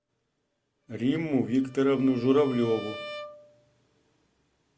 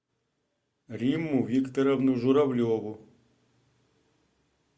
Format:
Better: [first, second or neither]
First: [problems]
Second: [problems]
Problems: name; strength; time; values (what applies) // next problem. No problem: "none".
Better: second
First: background sound (Bowed string instrument); 17 dB below the speech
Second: none